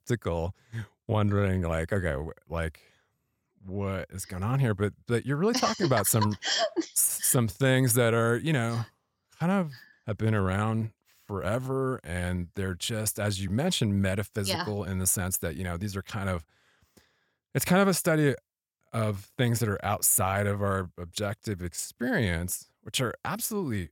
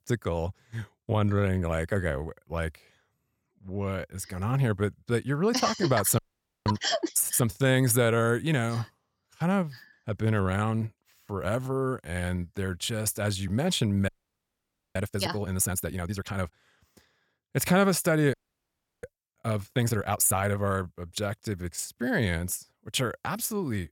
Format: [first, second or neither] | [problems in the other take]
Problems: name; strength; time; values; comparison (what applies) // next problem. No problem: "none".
first | audio freezing; at 6 s, at 14 s for 1 s and at 18 s for 0.5 s